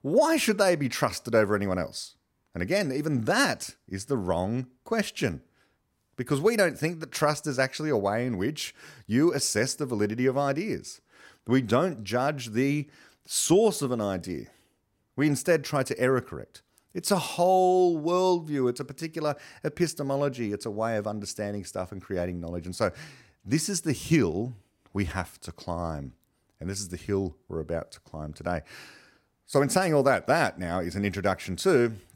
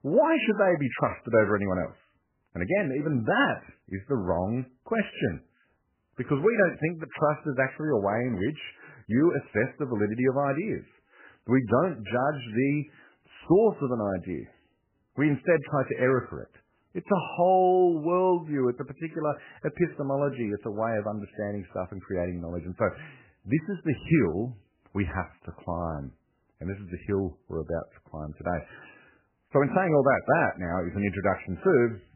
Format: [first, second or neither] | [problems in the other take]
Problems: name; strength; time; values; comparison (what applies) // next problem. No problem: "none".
first | garbled, watery; badly; nothing above 3 kHz